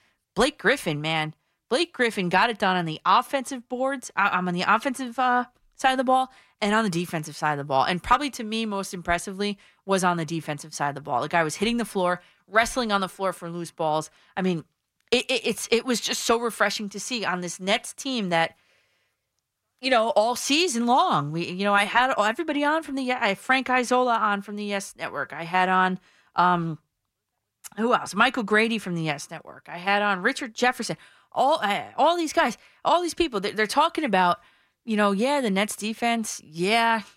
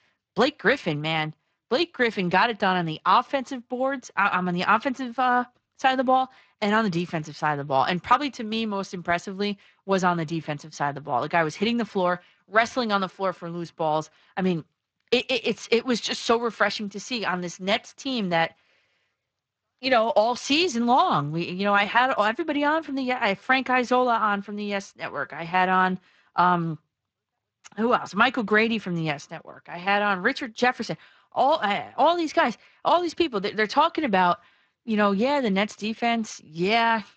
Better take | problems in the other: first | garbled, watery; slightly

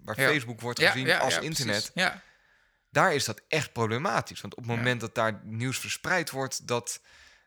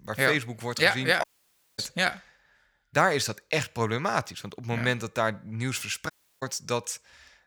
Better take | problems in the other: first | audio cutting out; at 1 s for 0.5 s and at 6 s

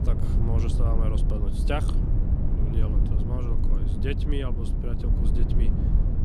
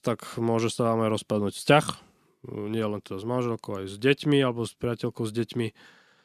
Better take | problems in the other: second | low rumble; loud; throughout; 2 dB below the speech

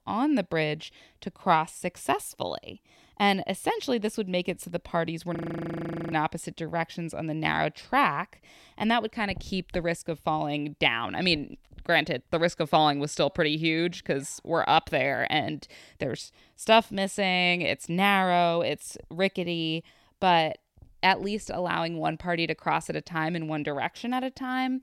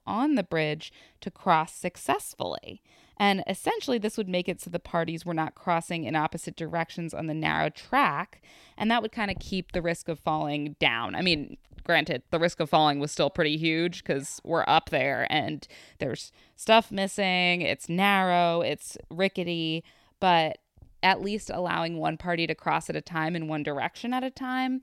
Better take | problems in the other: second | audio freezing; at 5.5 s for 1 s

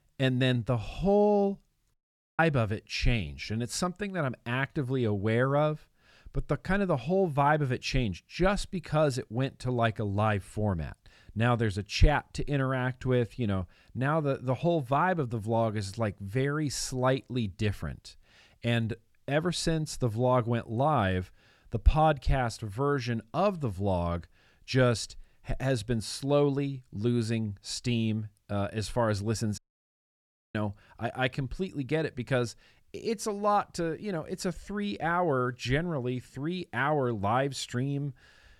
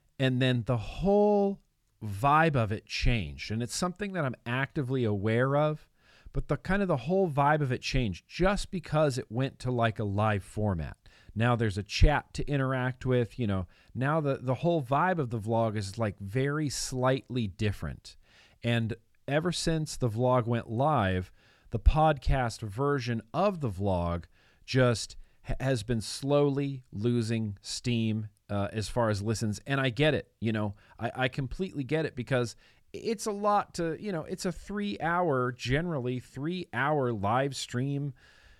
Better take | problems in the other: second | audio cutting out; at 2 s and at 30 s for 1 s

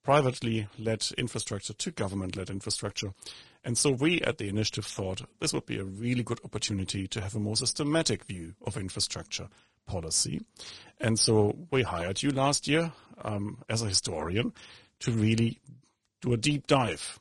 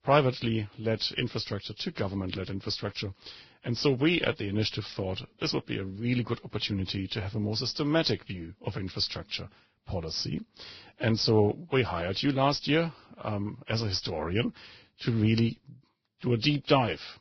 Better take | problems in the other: first | garbled, watery; badly; nothing above 5.5 kHz; slightly in the first

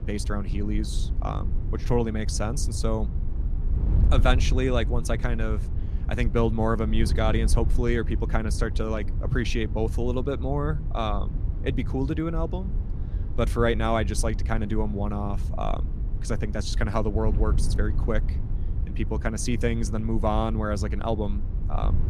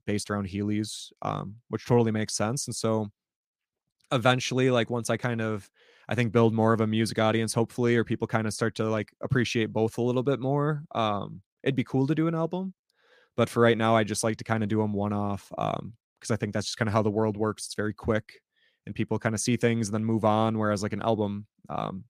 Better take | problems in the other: second | wind noise on the microphone; occasional gusts; 15 dB below the speech

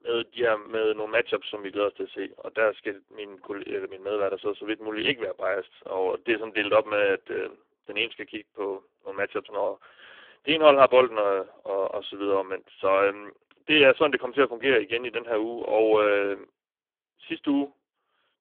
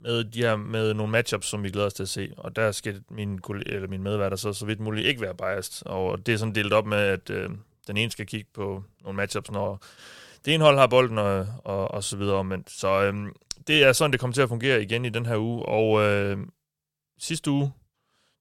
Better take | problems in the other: second | phone-call audio; poor line

